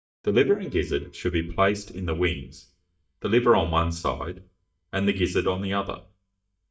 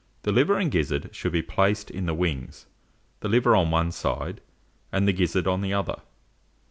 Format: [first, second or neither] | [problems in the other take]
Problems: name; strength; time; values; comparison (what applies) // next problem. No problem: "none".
second | noise reduction (neural mask model DeepFilterNet 3)